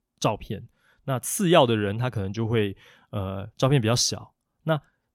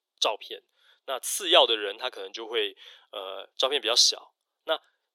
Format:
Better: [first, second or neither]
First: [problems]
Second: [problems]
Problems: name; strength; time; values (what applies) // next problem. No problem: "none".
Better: first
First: none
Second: thin; very; fading below 400 Hz